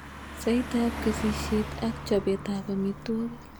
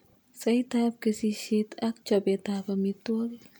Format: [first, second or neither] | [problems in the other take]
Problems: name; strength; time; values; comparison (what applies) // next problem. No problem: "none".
second | background sound (Car passing by); 8 dB below the speech